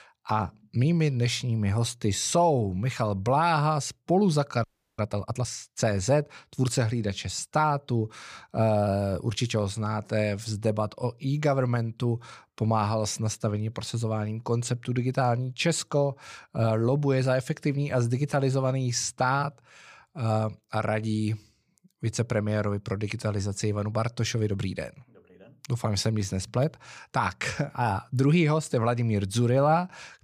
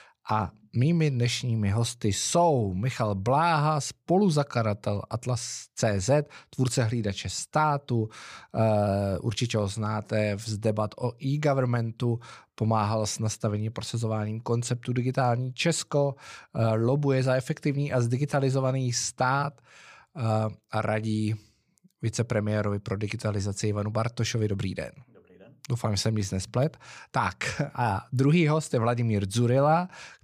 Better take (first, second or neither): second